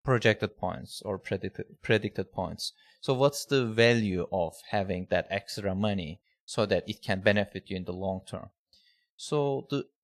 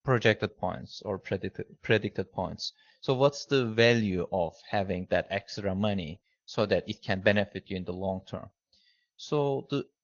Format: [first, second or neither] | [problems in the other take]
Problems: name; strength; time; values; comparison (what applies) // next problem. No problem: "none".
first | garbled, watery; slightly; nothing above 6.5 kHz